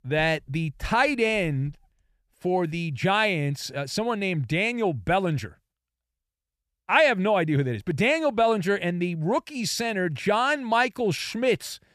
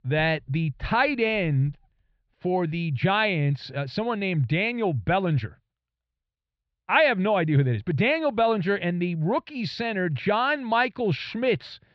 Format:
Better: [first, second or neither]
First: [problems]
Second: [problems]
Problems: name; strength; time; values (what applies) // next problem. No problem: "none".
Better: first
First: none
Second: muffled; very slightly; fading above 4 kHz